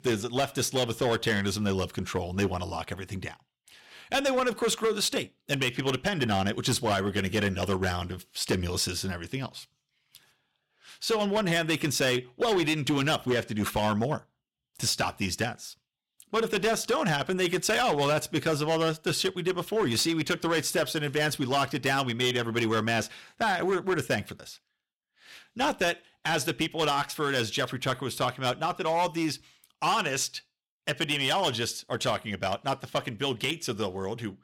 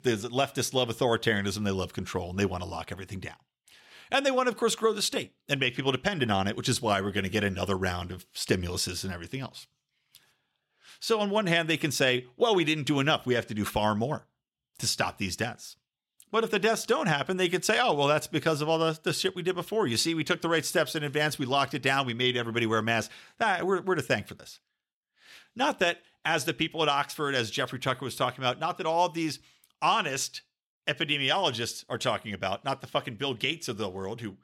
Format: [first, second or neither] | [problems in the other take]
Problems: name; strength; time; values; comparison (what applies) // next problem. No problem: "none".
second | distortion; slight; 7% of the sound clipped